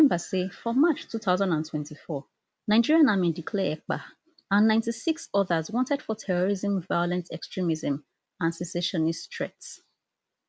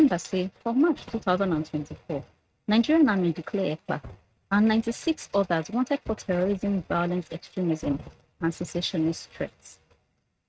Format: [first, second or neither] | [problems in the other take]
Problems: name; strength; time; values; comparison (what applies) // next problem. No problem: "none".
first | noise reduction (neural mask model RNNoise)